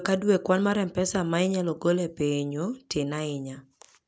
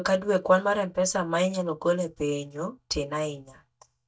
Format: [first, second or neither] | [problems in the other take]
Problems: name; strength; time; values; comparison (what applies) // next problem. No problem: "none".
first | noise reduction (neural mask model DeepFilterNet 3)